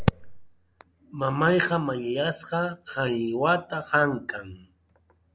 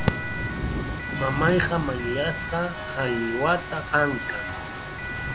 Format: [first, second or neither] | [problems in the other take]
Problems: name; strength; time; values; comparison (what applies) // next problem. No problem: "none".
first | background sound (Rain + Siren); 4 dB below the speech